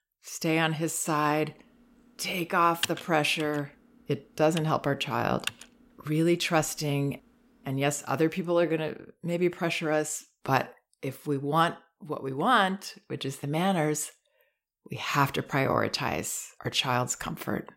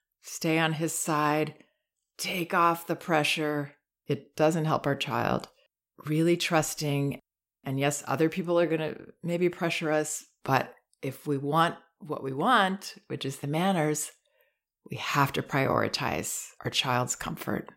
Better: second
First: keyboard typing; noticeable; from 3 to 5.5 s; peak 4 dB below the speech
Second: none

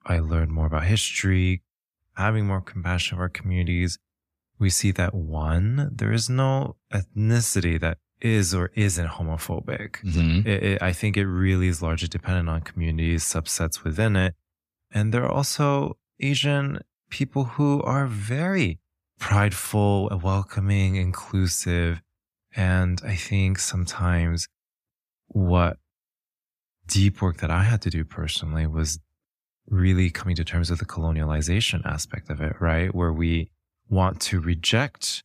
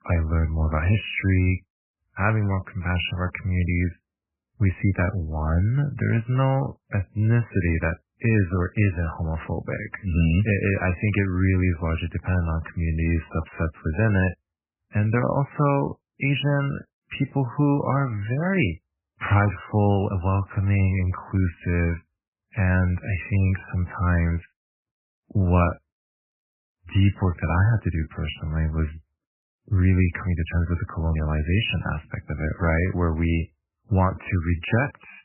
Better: first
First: none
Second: garbled, watery; badly; nothing above 3 kHz

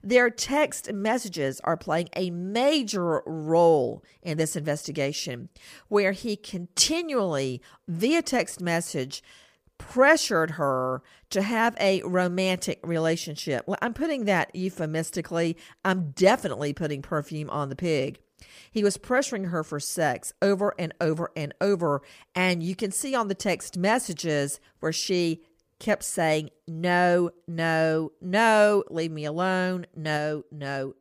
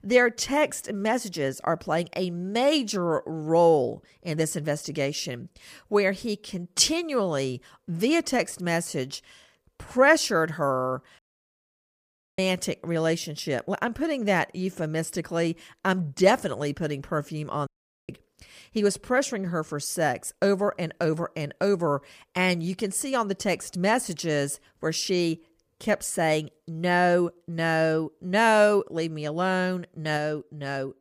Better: first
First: none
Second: audio cutting out; at 11 s for 1 s and at 18 s

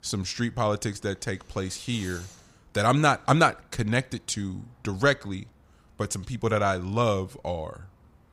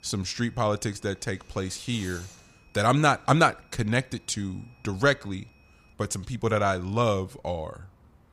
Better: first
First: none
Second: high-pitched whine; faint; until 6 s; 2.5 kHz, 35 dB below the speech

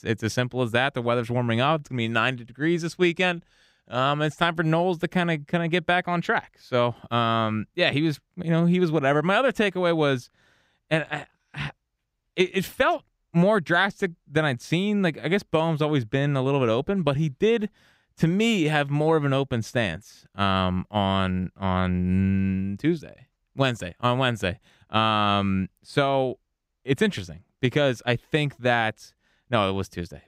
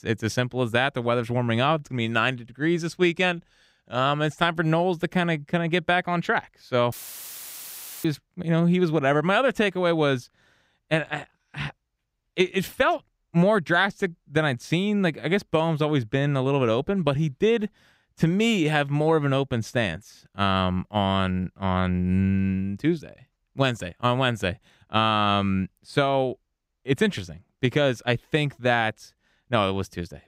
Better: first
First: none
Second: audio cutting out; filled with static; at 7 s for 1 s

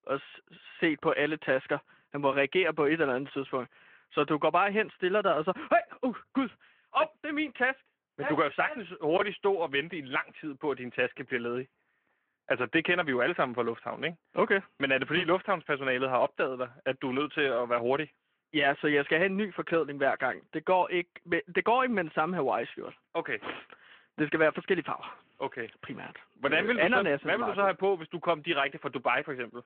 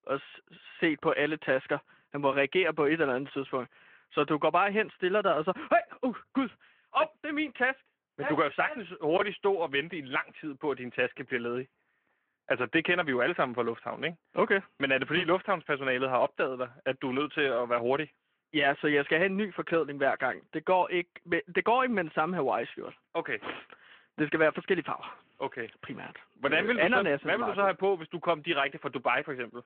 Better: neither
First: phone-call audio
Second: phone-call audio

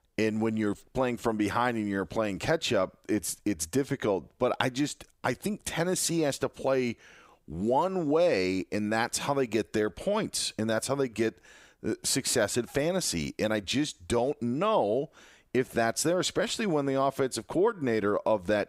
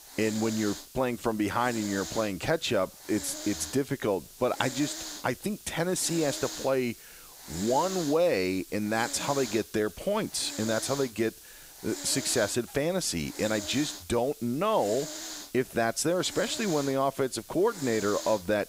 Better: first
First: none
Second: hiss; noticeable; throughout; 10 dB below the speech

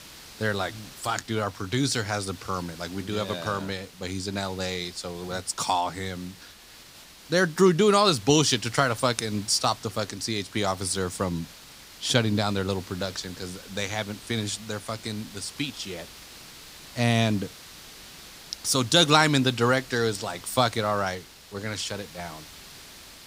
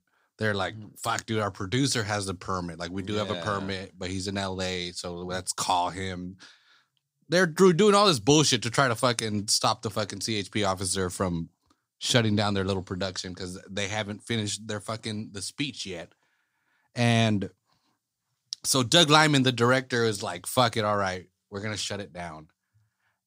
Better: second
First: hiss; noticeable; throughout; 20 dB below the speech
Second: none

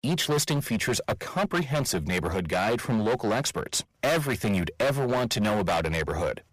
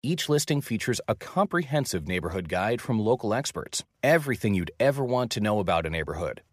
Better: second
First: distortion; heavy; 19% of the sound clipped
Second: none

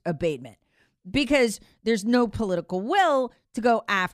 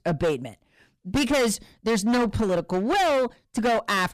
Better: first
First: none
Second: distortion; heavy; 20% of the sound clipped

